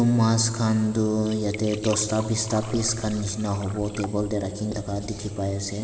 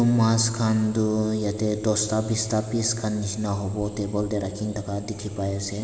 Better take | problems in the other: second | background sound (Liquid + Writing); 15 dB below the speech

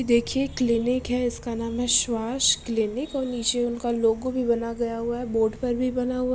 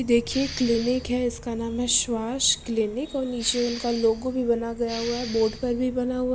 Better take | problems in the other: first | background sound (Respiratory sounds); 14 dB below the speech

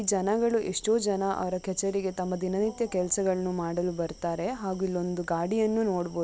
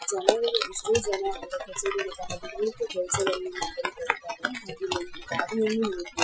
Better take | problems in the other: first | noise reduction (classical method Wiener filter)

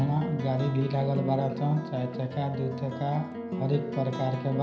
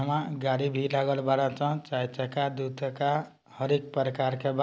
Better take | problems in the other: second | background sound (Plucked string instrument); 7 dB below the speech // room echo; dies away in 0.5 s

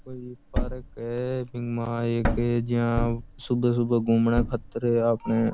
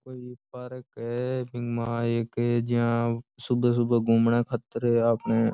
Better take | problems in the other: second | background sound (Thump, thud); 7 dB below the speech

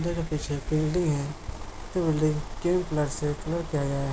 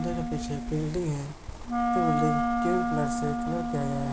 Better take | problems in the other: first | background sound (Wind instrument, woodwind instrument); 2 dB above the speech

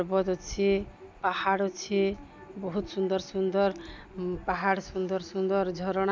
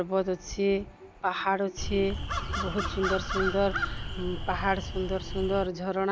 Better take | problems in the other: first | background sound (Crow); 3 dB below the speech

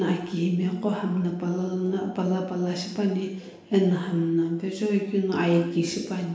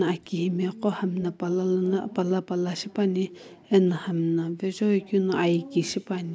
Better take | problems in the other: second | room echo; dies away in 0.9 s

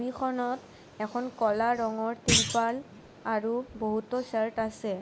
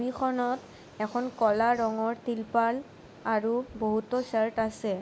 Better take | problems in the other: second | background sound (Thump, thud); 1 dB below the speech

